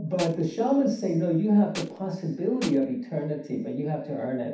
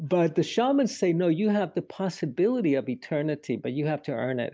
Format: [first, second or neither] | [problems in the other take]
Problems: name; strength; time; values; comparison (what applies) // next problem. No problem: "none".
second | background sound (Tools); 13 dB below the speech // room echo; dies away in 0.7 s